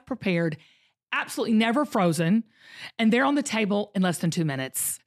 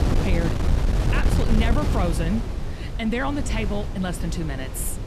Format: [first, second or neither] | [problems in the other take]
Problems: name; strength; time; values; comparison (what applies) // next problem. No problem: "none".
first | wind noise on the microphone; heavy; 4 dB below the speech